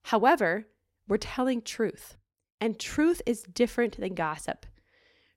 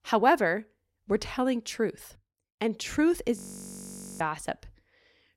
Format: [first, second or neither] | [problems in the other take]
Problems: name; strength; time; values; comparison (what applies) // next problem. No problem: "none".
first | audio freezing; at 3.5 s for 1 s